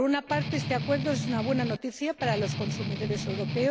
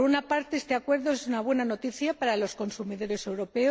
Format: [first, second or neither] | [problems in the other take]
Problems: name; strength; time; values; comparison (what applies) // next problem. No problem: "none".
second | background sound (Strum); 2 dB below the speech